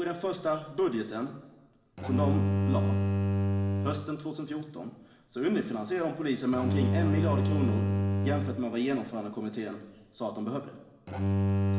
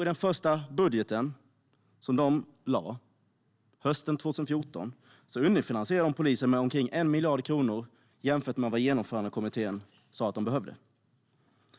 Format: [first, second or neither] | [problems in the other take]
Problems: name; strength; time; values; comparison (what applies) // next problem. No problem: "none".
second | background sound (Bowed string instrument); 2 dB above the speech // room echo; dies away in 1.1 s